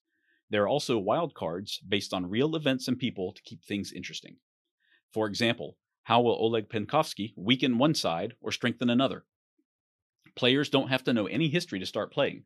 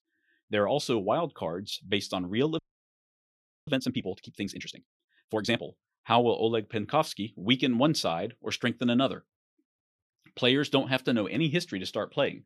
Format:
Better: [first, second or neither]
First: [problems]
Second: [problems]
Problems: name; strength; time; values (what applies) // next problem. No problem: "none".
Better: first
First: none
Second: audio freezing; at 2.5 s for 1 s